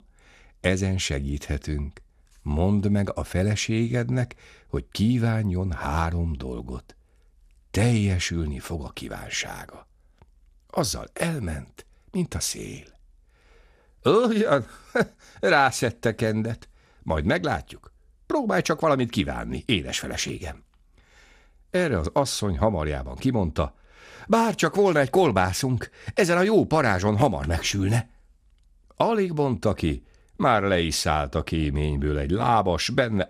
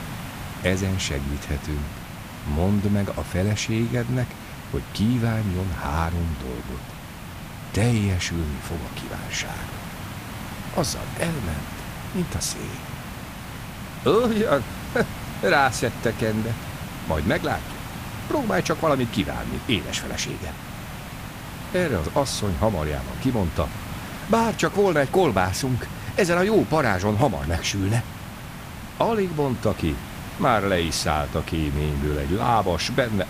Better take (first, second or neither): first